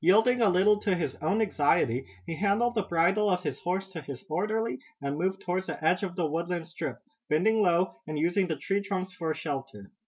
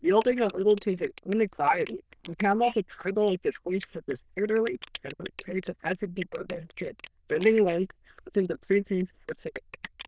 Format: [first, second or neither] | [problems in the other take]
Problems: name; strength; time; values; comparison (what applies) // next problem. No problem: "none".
first | noise reduction (neural diffusion model UNIVERSE++)